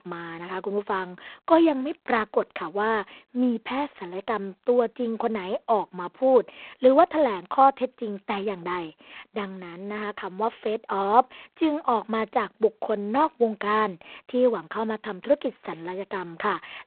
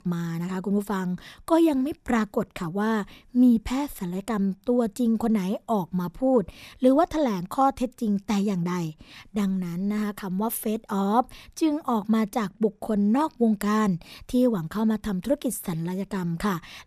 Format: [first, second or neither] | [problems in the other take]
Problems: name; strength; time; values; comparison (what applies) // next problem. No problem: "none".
second | phone-call audio; poor line; nothing above 4 kHz